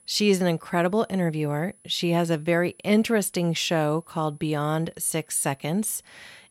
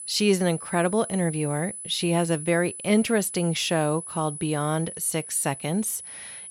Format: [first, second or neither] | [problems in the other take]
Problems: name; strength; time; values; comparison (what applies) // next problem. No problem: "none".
first | high-pitched whine; loud; throughout; 10 kHz, 10 dB below the speech; faint in the first